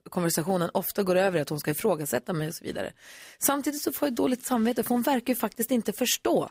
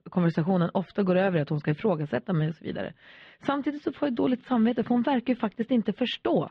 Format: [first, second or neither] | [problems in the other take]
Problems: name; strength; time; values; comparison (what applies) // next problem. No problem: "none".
first | muffled; very; fading above 3.5 kHz